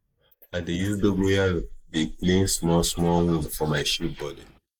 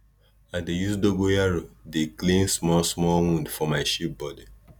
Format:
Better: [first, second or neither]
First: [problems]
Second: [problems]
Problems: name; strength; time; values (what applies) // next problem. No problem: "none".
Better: second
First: noise reduction (neural mask model Resemble Enhance denoiser)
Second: none